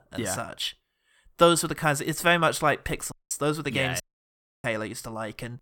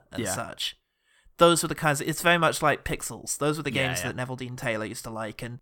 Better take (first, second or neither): second